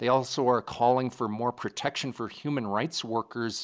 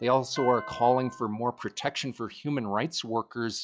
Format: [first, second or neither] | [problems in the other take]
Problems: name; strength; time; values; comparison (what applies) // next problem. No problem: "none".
first | noise reduction (classical method log-MMSE)